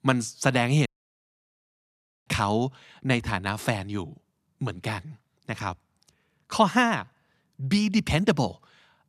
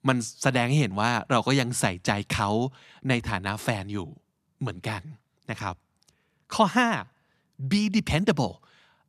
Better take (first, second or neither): second